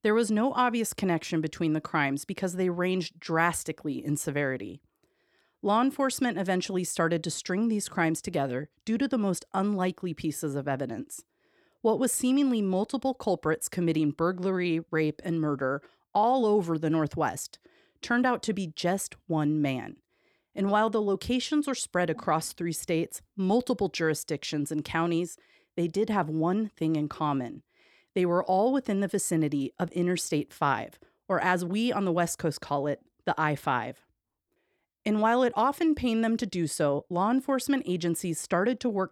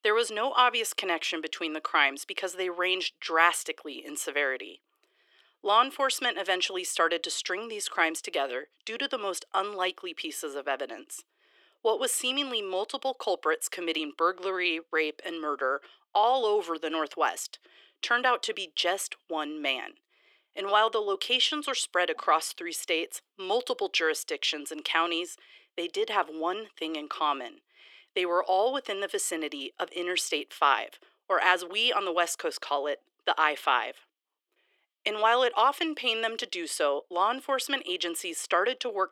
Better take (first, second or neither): first